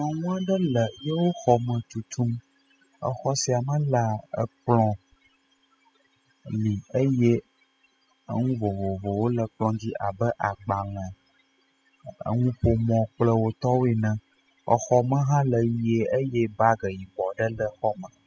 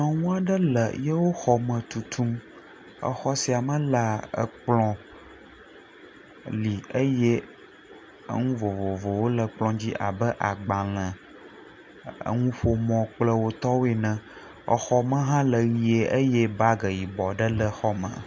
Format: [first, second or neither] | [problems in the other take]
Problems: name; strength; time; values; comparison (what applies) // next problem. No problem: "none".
second | noise reduction (classical method spectral subtraction)